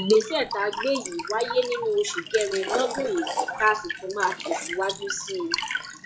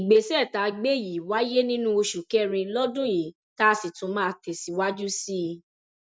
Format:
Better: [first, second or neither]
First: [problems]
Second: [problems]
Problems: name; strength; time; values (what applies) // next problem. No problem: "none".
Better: second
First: noise reduction (classical method log-MMSE)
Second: none